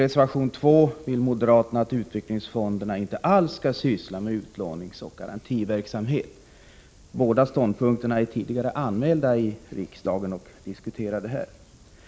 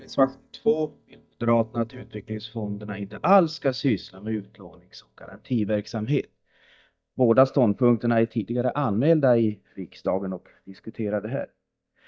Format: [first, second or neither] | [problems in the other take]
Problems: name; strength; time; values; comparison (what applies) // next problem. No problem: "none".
first | noise reduction (neural mask model DeepFilterNet 3)